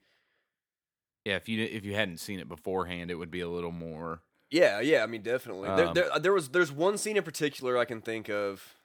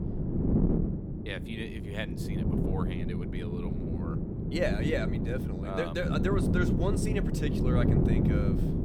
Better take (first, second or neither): first